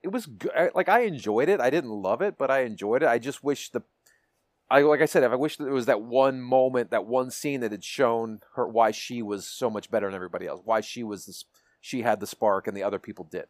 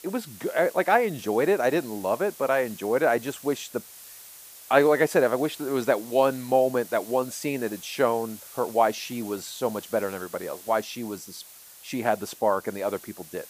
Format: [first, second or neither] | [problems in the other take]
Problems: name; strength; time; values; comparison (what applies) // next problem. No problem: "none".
first | hiss; noticeable; throughout; 15 dB below the speech